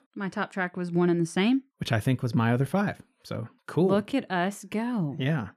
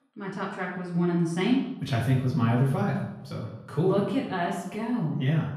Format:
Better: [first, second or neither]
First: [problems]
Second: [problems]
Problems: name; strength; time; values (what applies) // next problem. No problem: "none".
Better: first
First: none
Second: room echo; noticeable; dies away in 0.8 s // off-mic speech; far